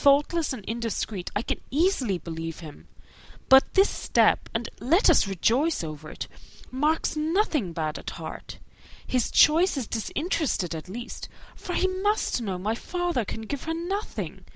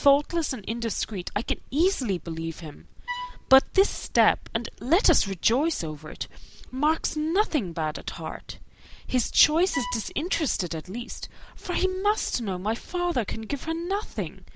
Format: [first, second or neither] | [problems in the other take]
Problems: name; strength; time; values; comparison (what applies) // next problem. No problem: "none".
first | background sound (Bowed string instrument); 11 dB below the speech